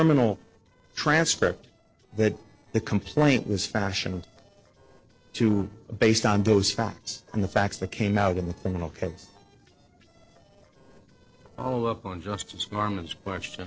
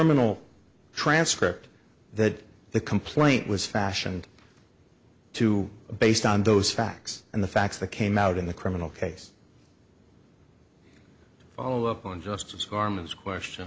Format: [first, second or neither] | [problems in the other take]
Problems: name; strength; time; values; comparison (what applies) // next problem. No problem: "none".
second | noise reduction (neural separator model SepFormer DNS4)